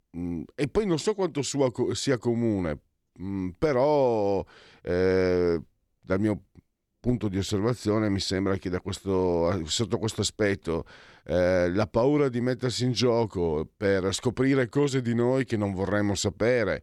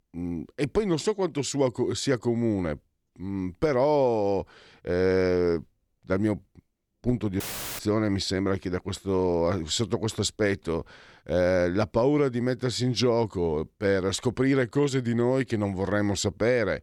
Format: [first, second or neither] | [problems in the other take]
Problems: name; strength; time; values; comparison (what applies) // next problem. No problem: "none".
first | audio cutting out; filled with static; at 7.5 s